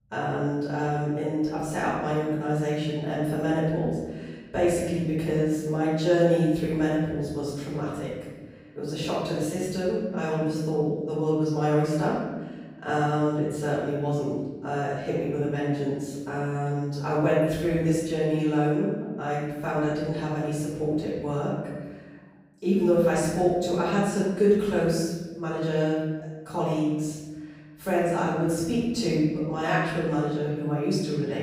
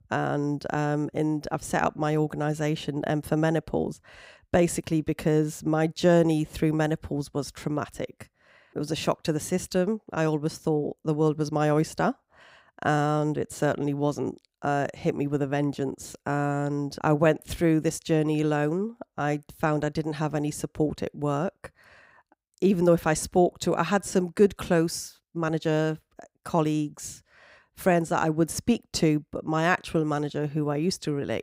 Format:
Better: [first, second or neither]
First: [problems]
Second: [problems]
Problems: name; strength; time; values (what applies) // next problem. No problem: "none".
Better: second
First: off-mic speech; far // room echo; strong; dies away in 1.2 s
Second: none